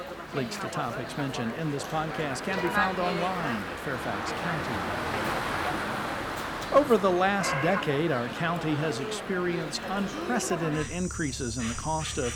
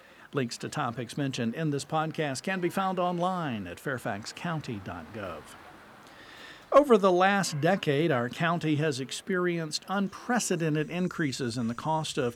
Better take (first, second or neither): second